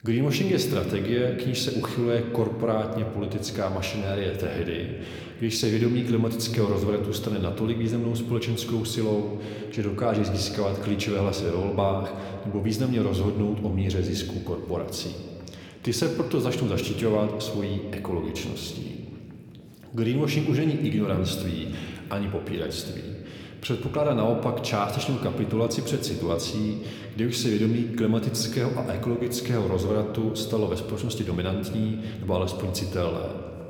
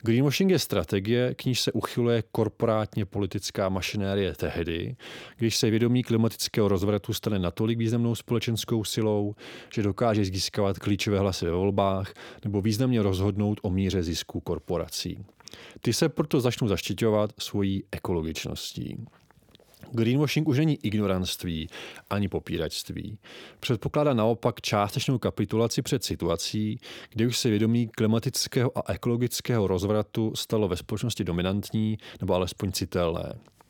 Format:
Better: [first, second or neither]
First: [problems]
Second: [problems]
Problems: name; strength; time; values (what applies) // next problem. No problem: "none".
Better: second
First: room echo; slight; dies away in 2.1 s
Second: none